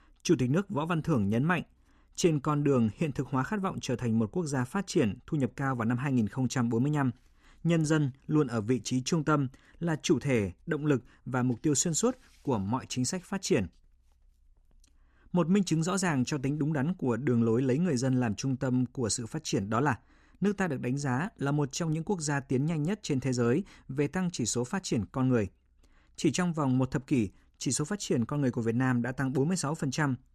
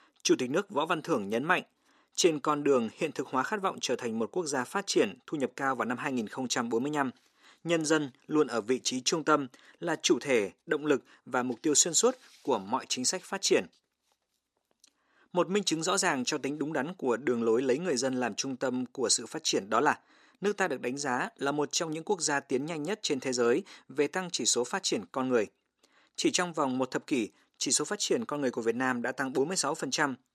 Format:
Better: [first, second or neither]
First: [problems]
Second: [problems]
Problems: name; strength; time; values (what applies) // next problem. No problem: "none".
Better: first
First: none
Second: thin; somewhat; fading below 450 Hz